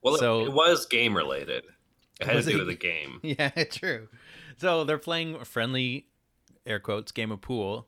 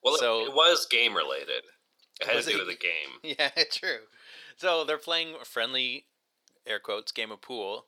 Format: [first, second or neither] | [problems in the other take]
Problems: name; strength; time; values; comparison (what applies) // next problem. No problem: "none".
first | thin; somewhat; fading below 550 Hz